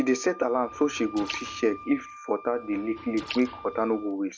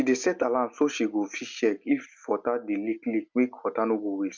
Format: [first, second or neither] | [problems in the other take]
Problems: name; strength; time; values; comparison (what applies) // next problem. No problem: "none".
second | background sound (Wind instrument, woodwind instrument + Liquid); 14 dB below the speech